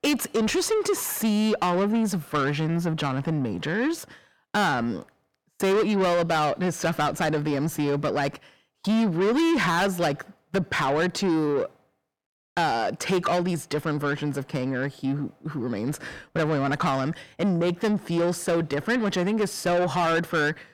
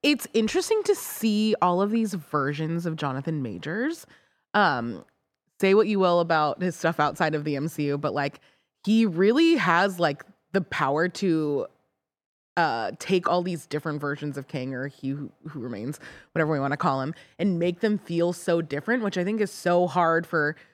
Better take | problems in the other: second | distortion; heavy; 8 dB below the speech

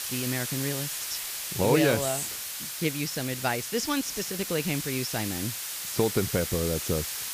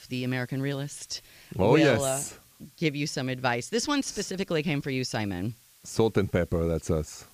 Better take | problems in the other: second | hiss; loud; throughout; 3 dB below the speech; faint in the second

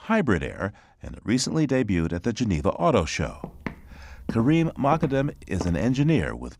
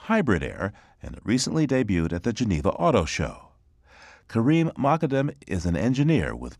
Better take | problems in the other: second | footsteps; faint; from 3.5 to 6 s; peak 10 dB below the speech

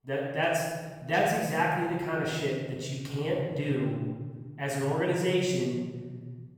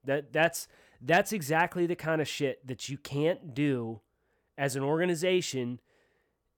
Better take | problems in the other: second | off-mic speech; far // room echo; strong; dies away in 1.9 s

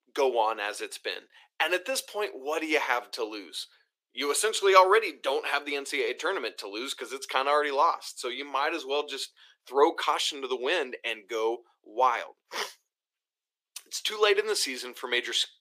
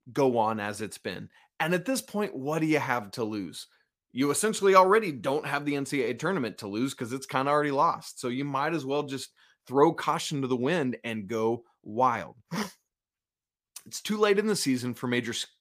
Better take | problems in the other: second | thin; very; fading below 350 Hz

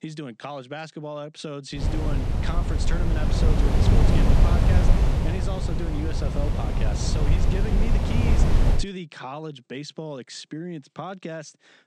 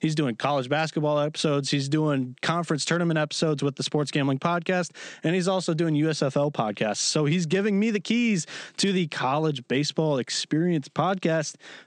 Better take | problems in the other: second | wind noise on the microphone; heavy; from 2 to 9 s; 3 dB above the speech

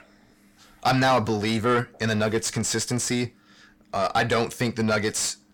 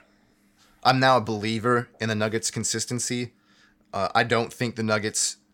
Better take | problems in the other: second | distortion; heavy; 7 dB below the speech

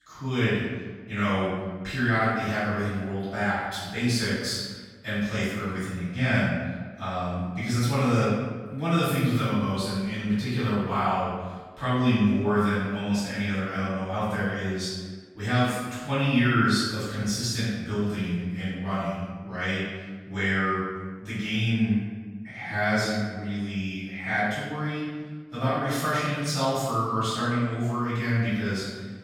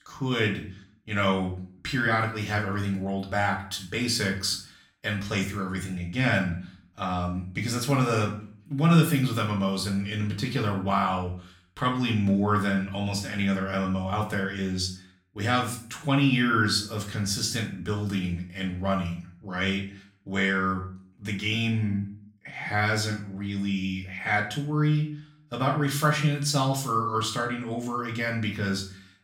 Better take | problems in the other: second | room echo; strong; dies away in 1.2 s; slight in the second // off-mic speech; far; far in the second

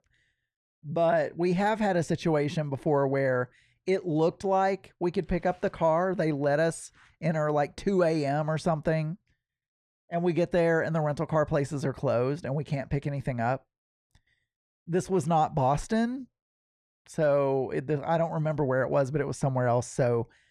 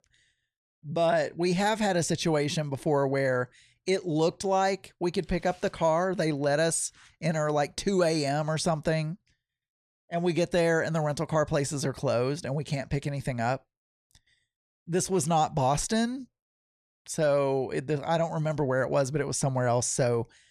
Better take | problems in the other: second | muffled; slightly; fading above 3 kHz

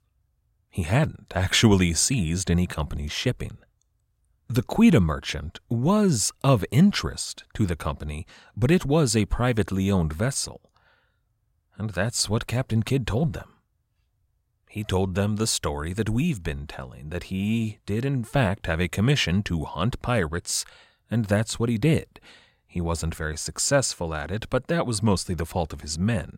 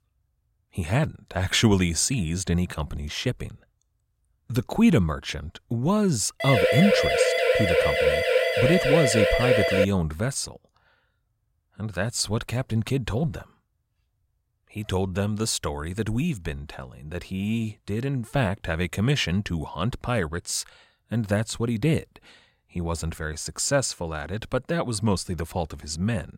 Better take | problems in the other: first | siren; loud; from 6.5 to 10 s; peak 5 dB above the speech

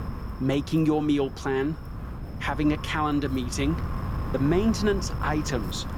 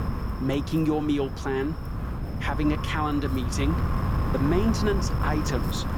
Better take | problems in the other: first | wind noise on the microphone; heavy; 5 dB below the speech; occasional gusts in the first

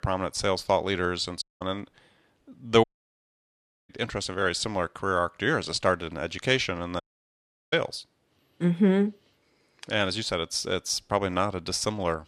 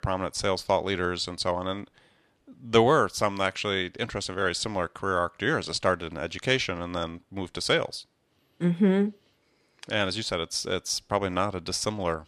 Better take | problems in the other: second | audio cutting out; at 1.5 s, at 3 s for 1 s and at 7 s for 0.5 s

